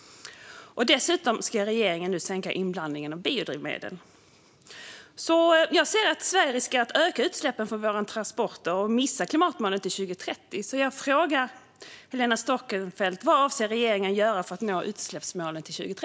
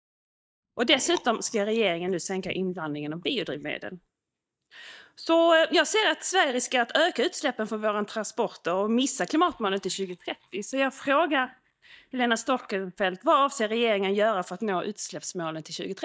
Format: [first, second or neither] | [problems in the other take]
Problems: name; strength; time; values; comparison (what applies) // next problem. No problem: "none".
first | noise reduction (neural mask model DeepFilterNet 3)